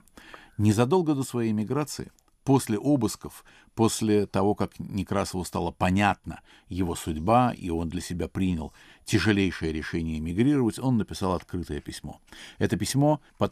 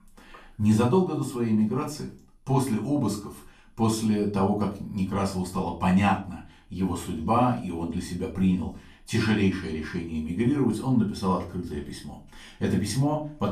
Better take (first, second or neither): first